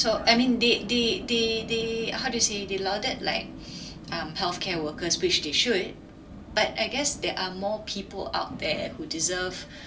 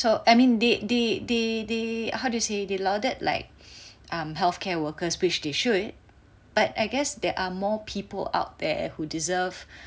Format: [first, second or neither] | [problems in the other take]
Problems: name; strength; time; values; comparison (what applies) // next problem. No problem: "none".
second | background sound (Vehicle); 13 dB below the speech // room echo; dies away in 0.2 s